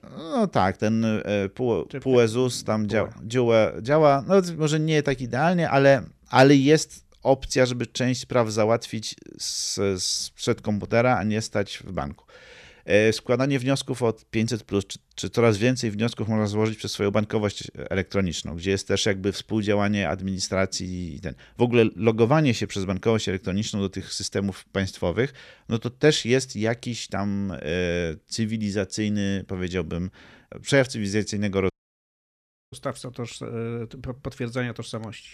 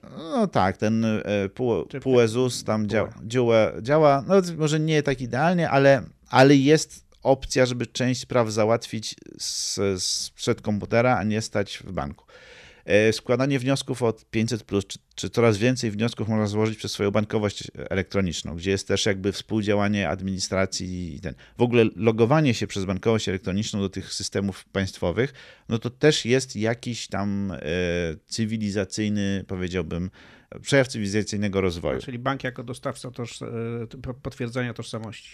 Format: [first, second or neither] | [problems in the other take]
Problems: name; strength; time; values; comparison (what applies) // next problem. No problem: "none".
second | audio cutting out; at 32 s for 1 s